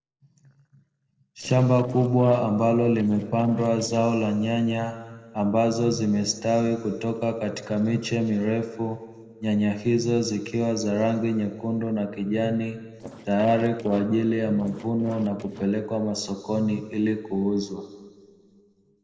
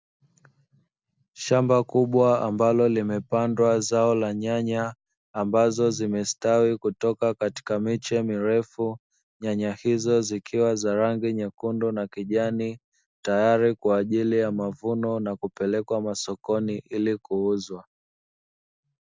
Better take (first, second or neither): second